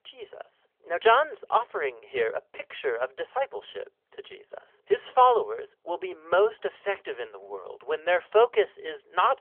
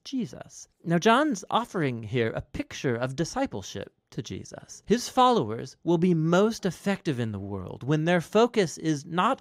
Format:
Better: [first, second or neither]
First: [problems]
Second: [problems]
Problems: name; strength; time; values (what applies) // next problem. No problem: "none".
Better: second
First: phone-call audio; nothing above 3.5 kHz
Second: none